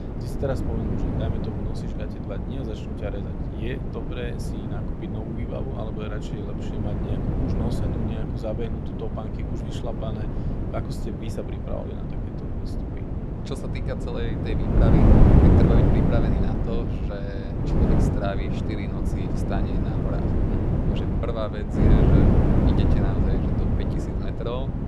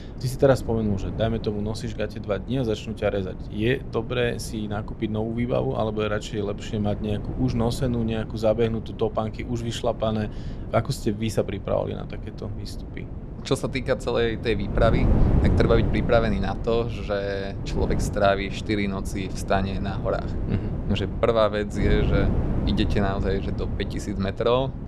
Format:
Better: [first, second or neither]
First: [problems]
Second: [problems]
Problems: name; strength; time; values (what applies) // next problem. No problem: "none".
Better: second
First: wind noise on the microphone; heavy; 4 dB above the speech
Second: wind noise on the microphone; occasional gusts; 10 dB below the speech